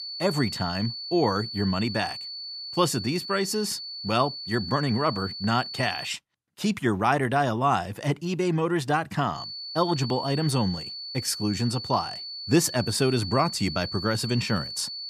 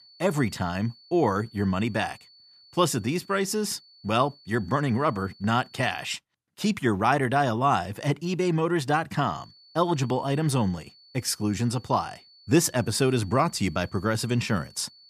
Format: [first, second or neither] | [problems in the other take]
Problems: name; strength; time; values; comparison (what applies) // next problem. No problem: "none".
second | high-pitched whine; loud; until 6 s and from 9.5 s on; 4.5 kHz, 7 dB below the speech; faint in the second